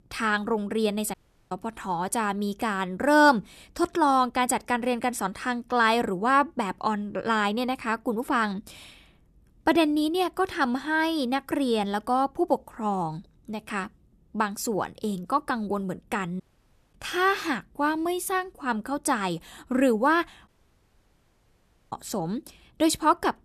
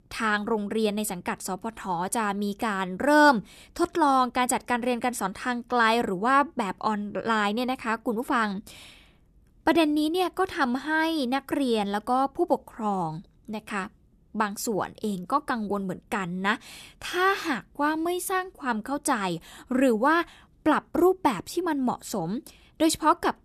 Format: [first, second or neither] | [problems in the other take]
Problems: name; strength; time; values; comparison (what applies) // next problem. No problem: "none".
second | audio cutting out; at 1 s, at 16 s for 0.5 s and at 20 s for 1.5 s